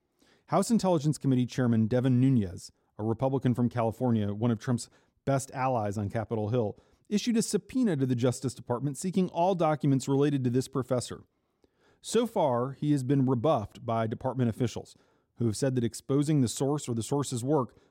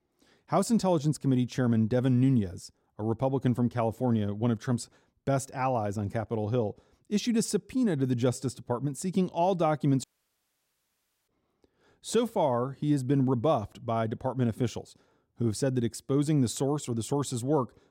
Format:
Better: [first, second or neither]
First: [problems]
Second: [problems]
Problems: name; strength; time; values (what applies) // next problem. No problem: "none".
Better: first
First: none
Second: audio cutting out; at 10 s for 1 s